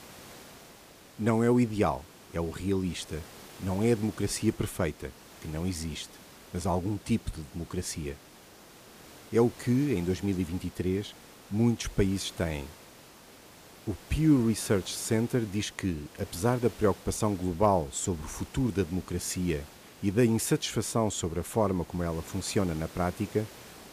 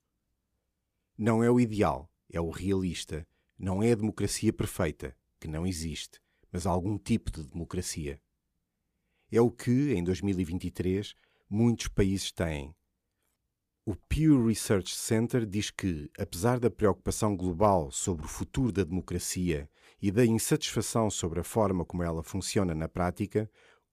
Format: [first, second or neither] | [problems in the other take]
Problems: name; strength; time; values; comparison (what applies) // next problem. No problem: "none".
second | hiss; noticeable; throughout; 20 dB below the speech